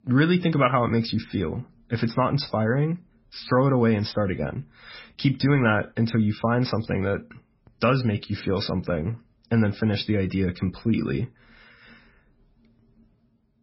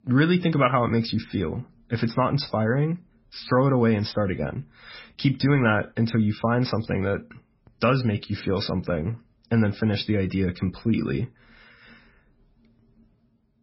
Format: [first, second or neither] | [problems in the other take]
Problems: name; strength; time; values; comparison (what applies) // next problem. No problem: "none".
neither | garbled, watery; badly; nothing above 5.5 kHz; the same in both